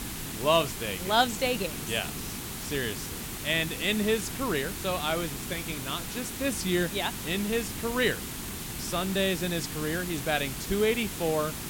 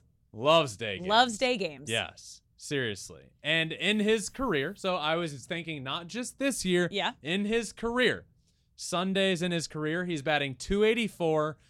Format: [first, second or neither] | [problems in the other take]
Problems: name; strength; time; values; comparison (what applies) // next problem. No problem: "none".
second | hiss; loud; throughout; 6 dB below the speech